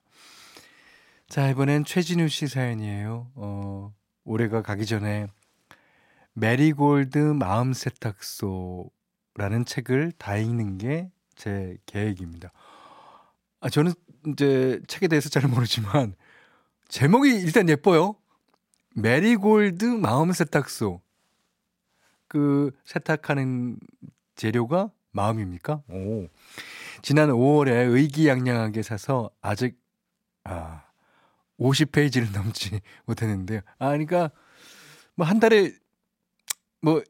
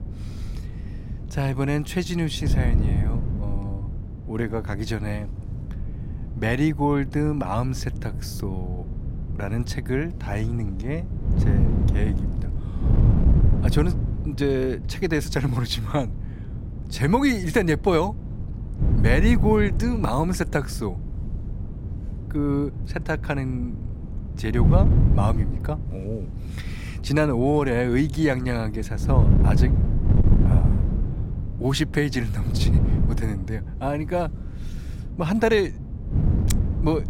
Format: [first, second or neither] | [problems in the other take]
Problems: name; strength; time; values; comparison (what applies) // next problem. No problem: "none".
first | wind noise on the microphone; occasional gusts; 10 dB below the speech